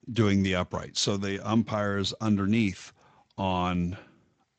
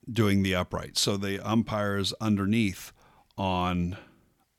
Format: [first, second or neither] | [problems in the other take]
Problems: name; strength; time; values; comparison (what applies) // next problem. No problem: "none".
second | garbled, watery; slightly; nothing above 7.5 kHz